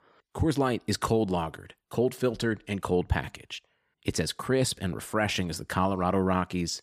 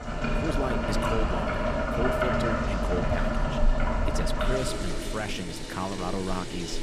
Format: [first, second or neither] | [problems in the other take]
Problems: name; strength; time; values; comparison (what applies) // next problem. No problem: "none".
first | household noises; very loud; throughout; 5 dB above the speech